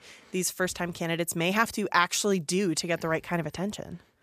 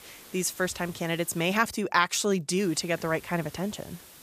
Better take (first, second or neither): first